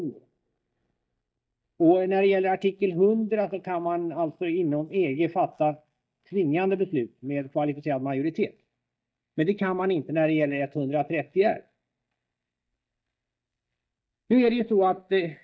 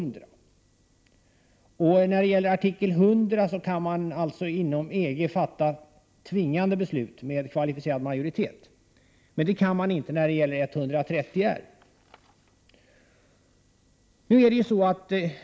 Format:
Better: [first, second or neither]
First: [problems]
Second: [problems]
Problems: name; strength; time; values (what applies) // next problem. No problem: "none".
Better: second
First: noise reduction (neural mask model DeepFilterNet 3)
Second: none